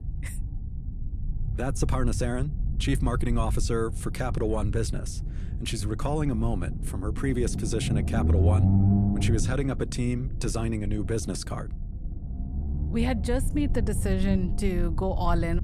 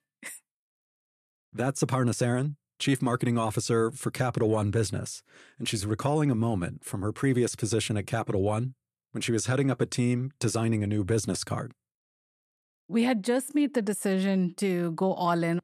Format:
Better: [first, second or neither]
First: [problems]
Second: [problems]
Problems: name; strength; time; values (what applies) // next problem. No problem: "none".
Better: second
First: low rumble; loud; throughout; 9 dB below the speech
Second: none